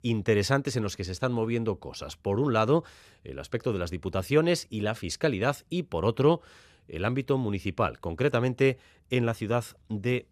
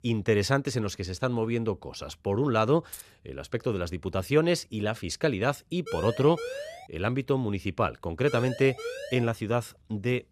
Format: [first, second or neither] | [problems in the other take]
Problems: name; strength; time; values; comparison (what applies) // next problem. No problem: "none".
first | jangling keys; faint; at 3 s; peak 15 dB below the speech // siren; noticeable; from 6 to 7 s and from 8.5 to 9.5 s; peak 8 dB below the speech